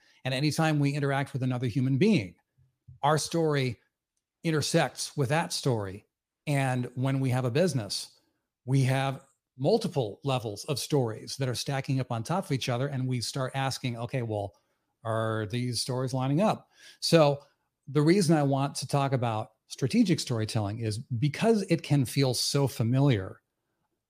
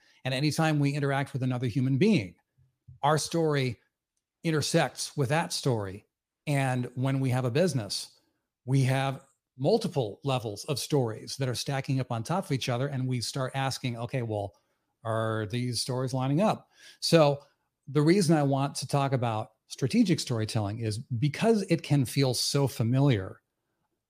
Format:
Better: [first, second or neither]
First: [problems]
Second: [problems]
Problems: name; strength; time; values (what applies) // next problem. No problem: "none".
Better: neither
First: none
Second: none